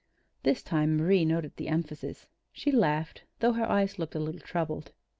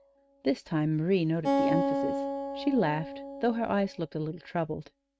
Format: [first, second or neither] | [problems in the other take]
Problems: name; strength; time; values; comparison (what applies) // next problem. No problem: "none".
first | noise reduction (neural mask model RNNoise)